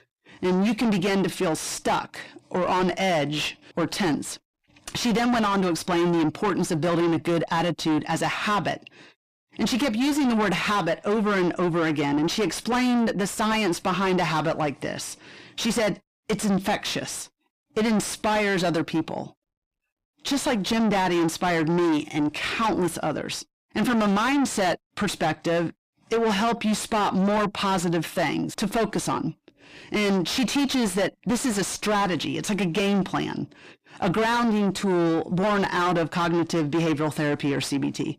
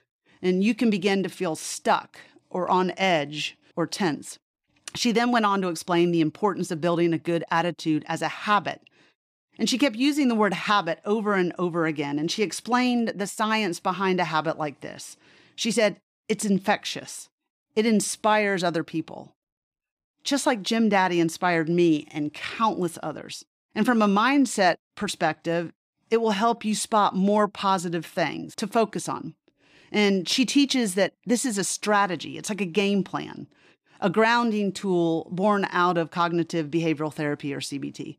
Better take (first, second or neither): second